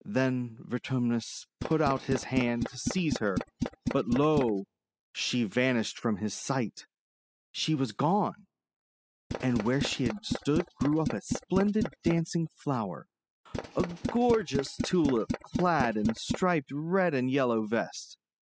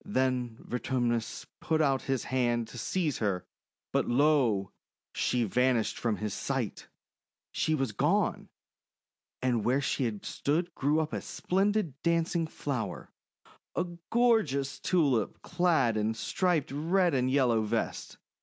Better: second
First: noise reduction (classical method spectral subtraction)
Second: none

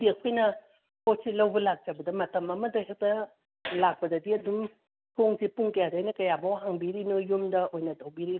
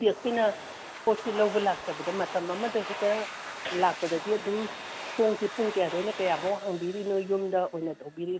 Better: first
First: none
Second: background sound (Domestic sounds, home sounds); 11 dB below the speech

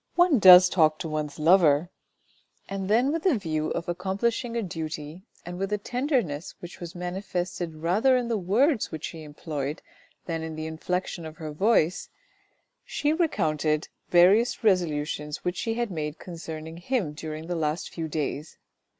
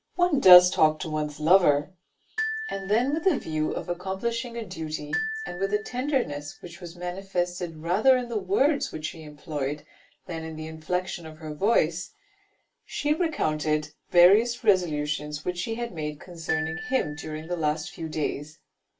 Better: first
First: none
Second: background sound (Glockenspiel); 10 dB below the speech // room echo; dies away in 0.2 s

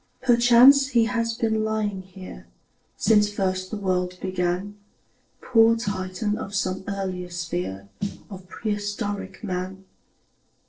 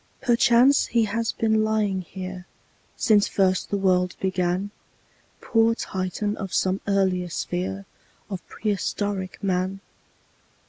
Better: second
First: noise reduction (neural separator model SepFormer DNS4)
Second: none

